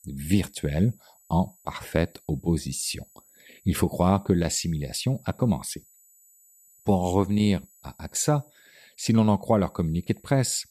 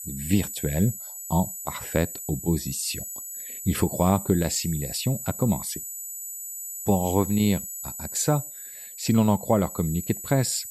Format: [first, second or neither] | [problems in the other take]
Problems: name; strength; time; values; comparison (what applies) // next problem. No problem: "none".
first | high-pitched whine; loud; throughout; 8 kHz, 8 dB below the speech; faint in the first